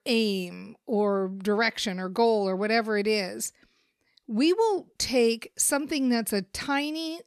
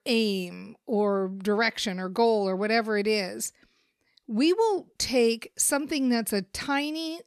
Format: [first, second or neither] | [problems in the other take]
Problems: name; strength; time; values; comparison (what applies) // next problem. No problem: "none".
neither | none